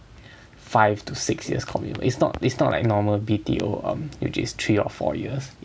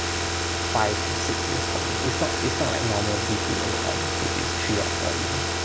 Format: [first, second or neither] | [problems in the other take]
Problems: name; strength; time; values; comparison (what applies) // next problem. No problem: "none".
first | background sound (Car); 4 dB above the speech